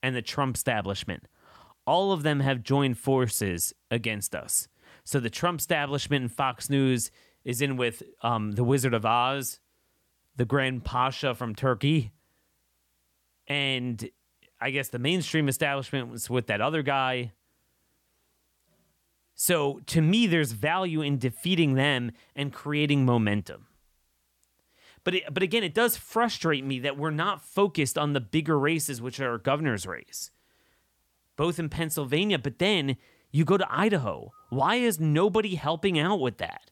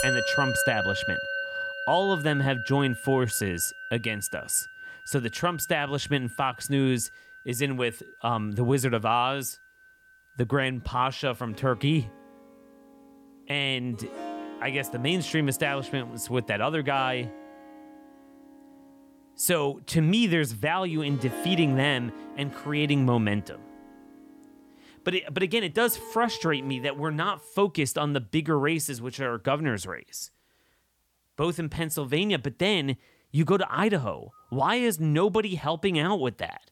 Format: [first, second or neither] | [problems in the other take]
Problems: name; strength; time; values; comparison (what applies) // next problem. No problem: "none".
first | background music; loud; until 27 s; 8 dB below the speech